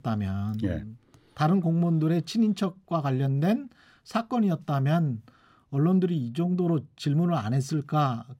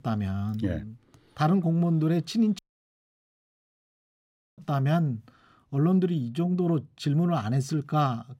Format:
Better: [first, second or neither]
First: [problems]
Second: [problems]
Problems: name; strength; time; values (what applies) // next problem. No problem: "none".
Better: first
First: none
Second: audio cutting out; at 2.5 s for 2 s